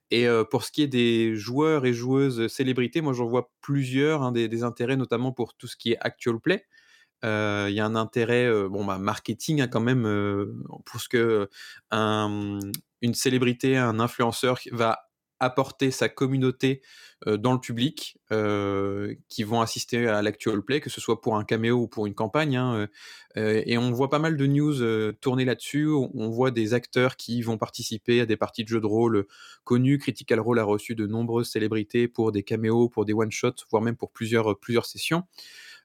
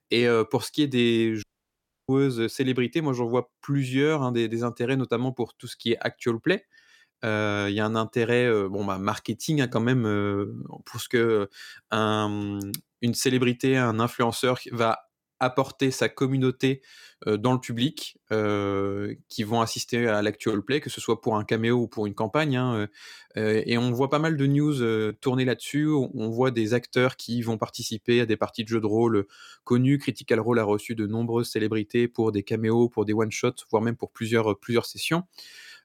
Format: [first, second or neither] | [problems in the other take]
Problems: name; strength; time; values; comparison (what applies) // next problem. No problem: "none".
first | audio cutting out; at 1.5 s for 0.5 s